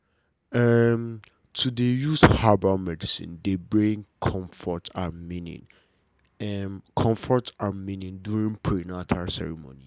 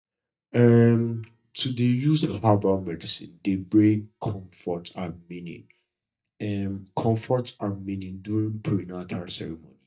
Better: first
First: none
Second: noise reduction (neural mask model DeepFilterNet 3)

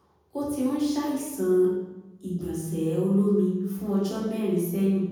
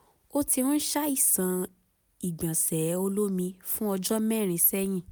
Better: second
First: room echo; dies away in 1.3 s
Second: none

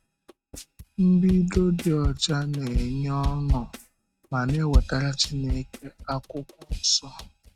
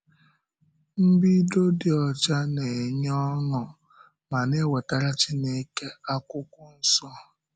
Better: second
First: noise reduction (neural mask model RNNoise)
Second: none

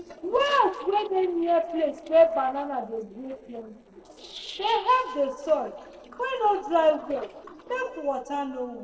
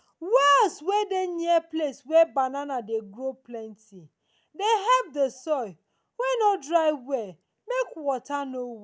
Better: second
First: noise reduction (neural separator model SepFormer DNS4)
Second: none

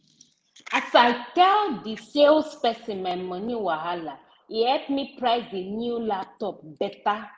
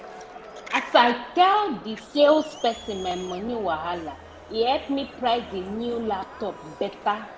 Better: first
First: none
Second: background sound (Crowd); 18 dB below the speech

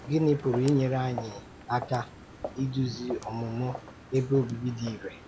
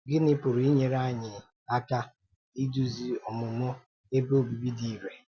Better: second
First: background sound (Walk, footsteps); 14 dB below the speech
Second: none

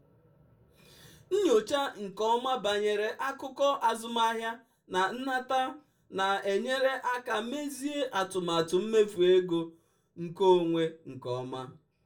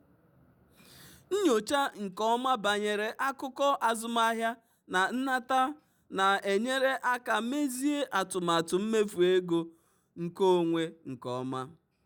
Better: second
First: room echo; dies away in 0.2 s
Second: none

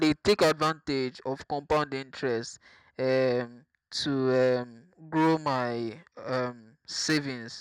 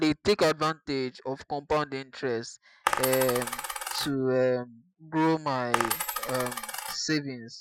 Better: first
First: none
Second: noise reduction (classical method Wiener filter)

